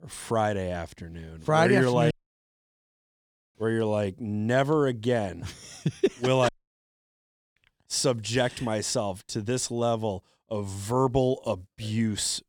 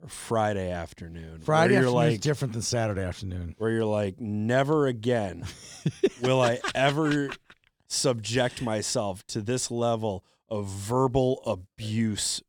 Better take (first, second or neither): second